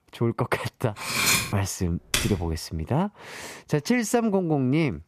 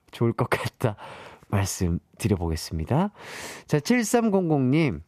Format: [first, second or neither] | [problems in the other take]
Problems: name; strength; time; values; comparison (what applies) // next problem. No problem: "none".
second | clattering dishes; loud; at 1 s; peak 6 dB above the speech // keyboard typing; noticeable; at 2 s; peak level with the speech